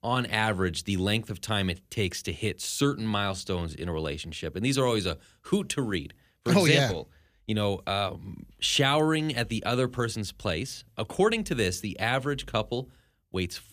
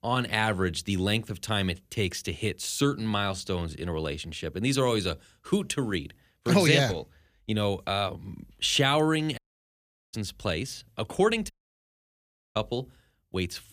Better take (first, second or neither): first